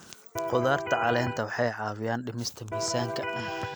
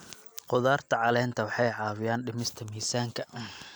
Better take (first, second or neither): second